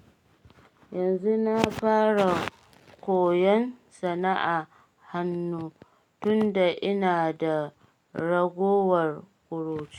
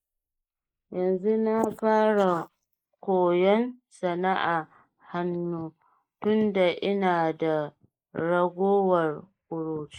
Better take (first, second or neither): first